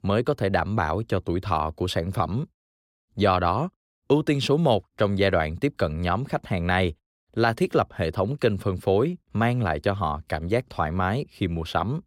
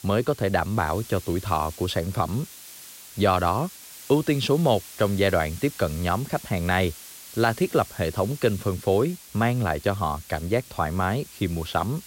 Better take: first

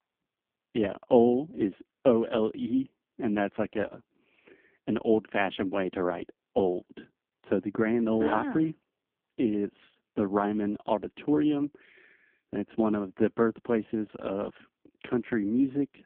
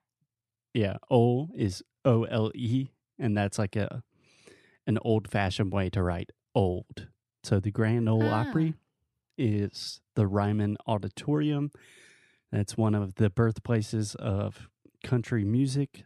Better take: second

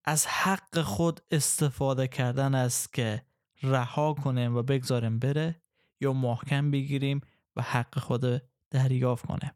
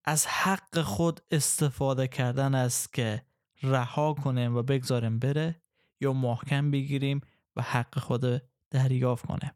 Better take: neither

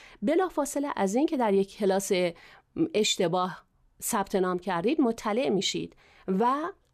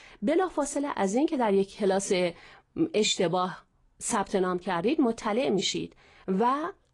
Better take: first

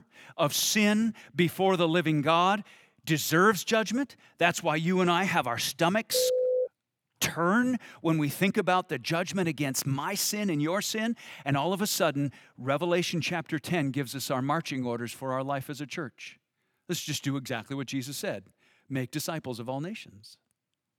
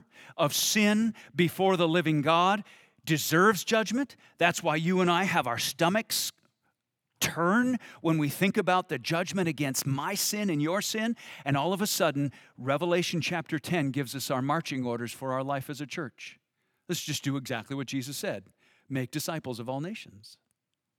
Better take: second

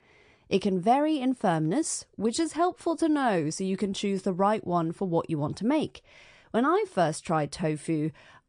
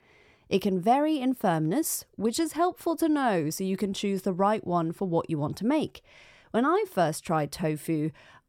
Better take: second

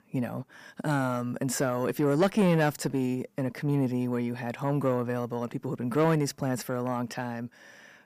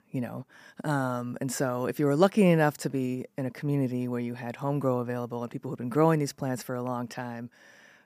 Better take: second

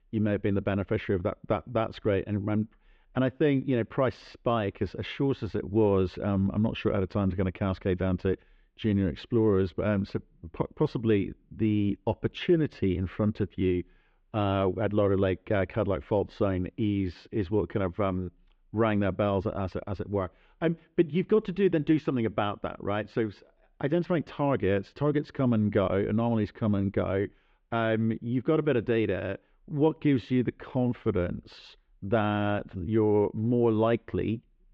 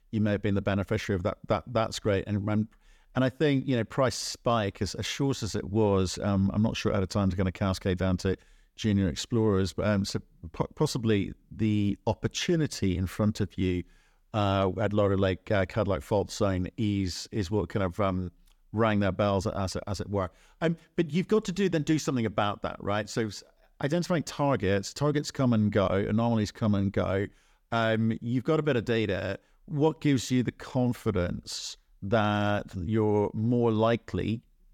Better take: second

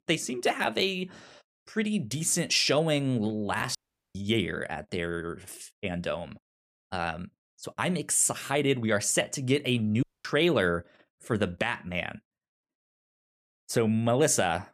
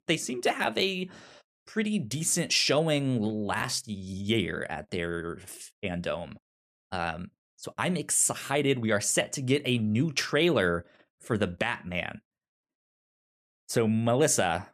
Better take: second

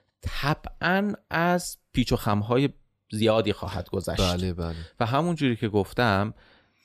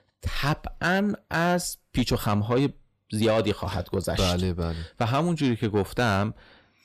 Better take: first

